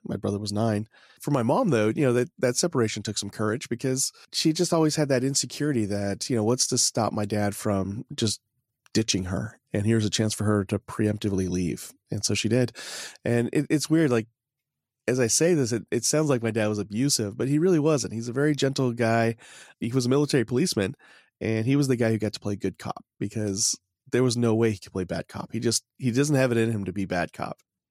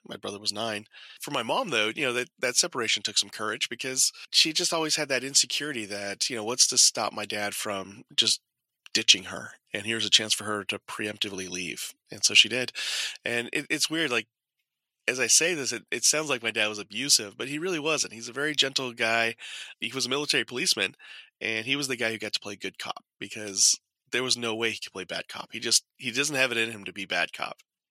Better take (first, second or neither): first